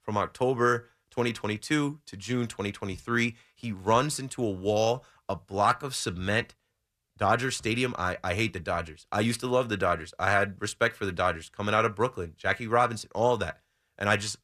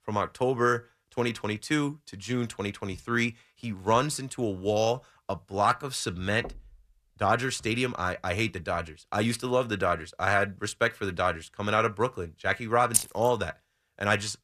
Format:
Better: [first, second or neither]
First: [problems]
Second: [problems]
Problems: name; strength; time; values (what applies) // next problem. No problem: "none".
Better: first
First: none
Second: door banging; faint; at 6.5 s; peak 15 dB below the speech // jangling keys; loud; at 13 s; peak 2 dB above the speech